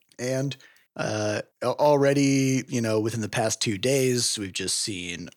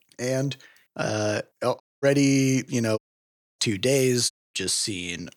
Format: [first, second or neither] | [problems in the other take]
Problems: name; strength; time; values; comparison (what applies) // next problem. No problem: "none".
first | audio cutting out; at 2 s, at 3 s for 0.5 s and at 4.5 s